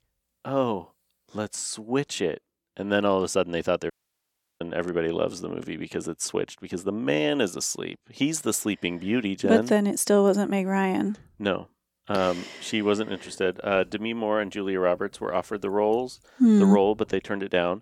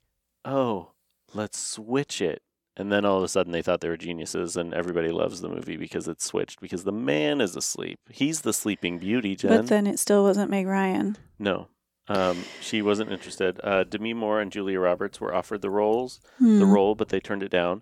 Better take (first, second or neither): second